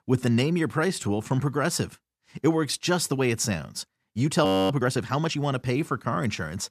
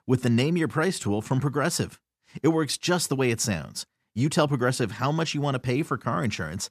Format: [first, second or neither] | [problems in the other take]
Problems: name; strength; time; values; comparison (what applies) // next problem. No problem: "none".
second | audio freezing; at 4.5 s